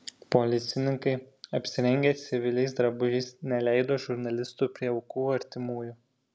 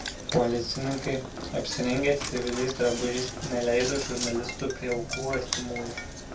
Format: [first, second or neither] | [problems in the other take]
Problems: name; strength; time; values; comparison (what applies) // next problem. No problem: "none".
first | background sound (Knock); 6 dB below the speech // room echo; dies away in 0.2 s